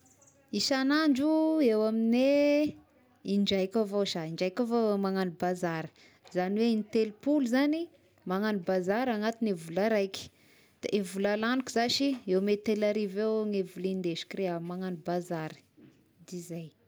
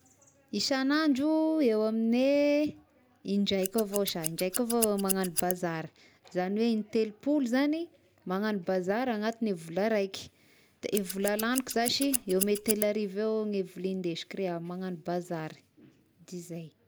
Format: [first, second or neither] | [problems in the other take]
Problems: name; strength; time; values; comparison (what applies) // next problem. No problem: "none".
first | background sound (Scissors); 5 dB below the speech